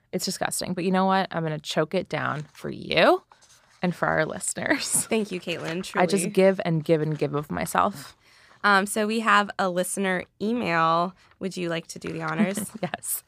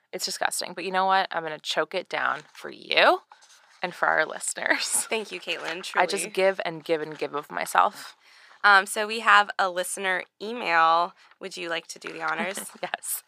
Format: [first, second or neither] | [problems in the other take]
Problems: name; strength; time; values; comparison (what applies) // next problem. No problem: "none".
first | thin; very; fading below 400 Hz